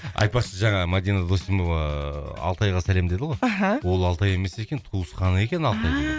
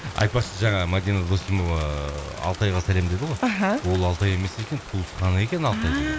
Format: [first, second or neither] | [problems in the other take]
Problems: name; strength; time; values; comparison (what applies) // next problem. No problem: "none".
first | background sound (Rain); 16 dB below the speech